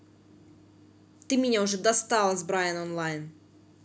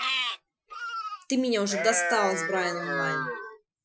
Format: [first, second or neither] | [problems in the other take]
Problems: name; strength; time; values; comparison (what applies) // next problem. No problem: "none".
first | noise reduction (classical method Wiener filter)